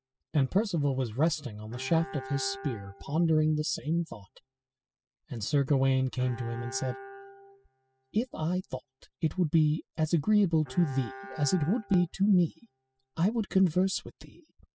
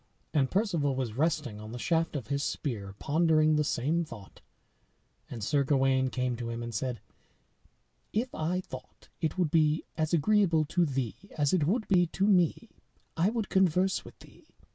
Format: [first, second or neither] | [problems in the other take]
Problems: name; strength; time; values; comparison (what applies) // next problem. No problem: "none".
second | noise reduction (classical method spectral subtraction)